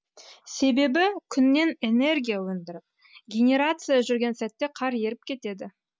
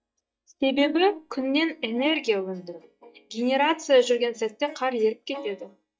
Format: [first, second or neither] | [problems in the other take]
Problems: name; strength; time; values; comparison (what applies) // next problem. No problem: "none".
first | noise reduction (neural mask model DeepFilterNet 3)